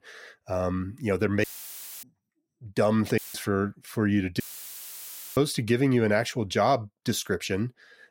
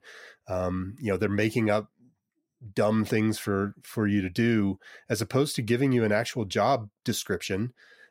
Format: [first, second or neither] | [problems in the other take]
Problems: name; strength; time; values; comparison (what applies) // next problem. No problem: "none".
second | audio cutting out; filled with static; at 1.5 s for 0.5 s, at 3 s and at 4.5 s for 1 s